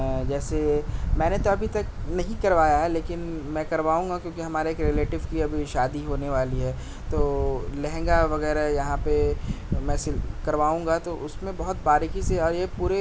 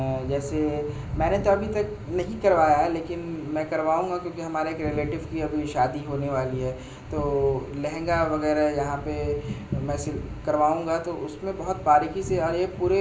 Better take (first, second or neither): first